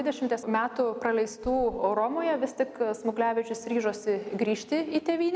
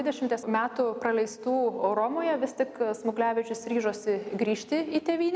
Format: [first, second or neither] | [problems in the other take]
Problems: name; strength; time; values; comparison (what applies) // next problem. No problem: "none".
second | background sound (Run); 16 dB below the speech